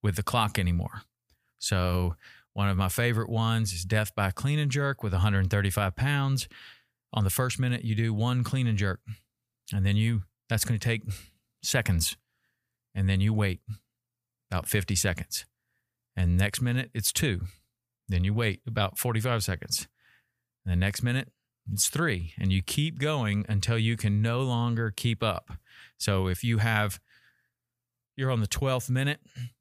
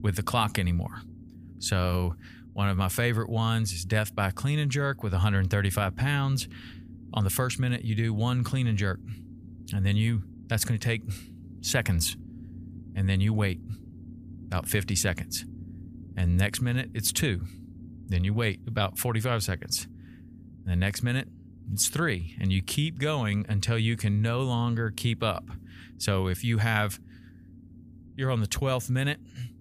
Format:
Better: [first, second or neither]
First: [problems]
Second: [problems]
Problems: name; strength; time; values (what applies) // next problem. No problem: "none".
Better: first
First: none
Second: low rumble; faint; throughout; 25 dB below the speech